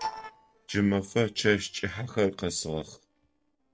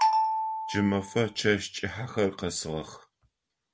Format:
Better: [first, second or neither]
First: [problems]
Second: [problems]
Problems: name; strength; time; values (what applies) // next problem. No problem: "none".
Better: second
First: noise reduction (neural separator model SepFormer DNS4)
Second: none